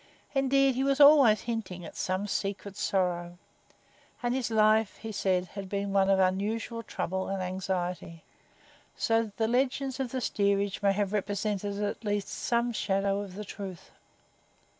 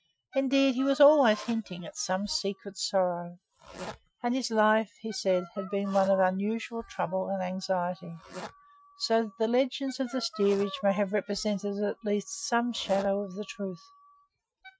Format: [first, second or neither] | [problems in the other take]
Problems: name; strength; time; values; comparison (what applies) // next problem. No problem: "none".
first | noise reduction (classical method Wiener filter)